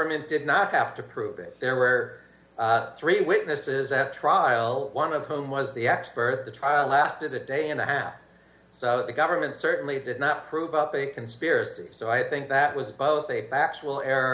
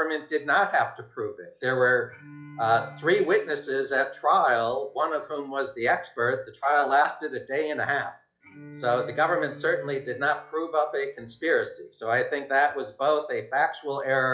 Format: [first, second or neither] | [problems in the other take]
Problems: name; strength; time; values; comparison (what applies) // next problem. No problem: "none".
first | noise reduction (classical method log-MMSE)